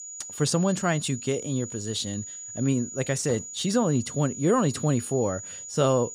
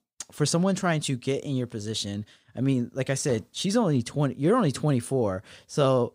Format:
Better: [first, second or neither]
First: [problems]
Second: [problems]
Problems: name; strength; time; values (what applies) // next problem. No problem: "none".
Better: second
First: high-pitched whine; loud; throughout; 7 kHz, 10 dB below the speech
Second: none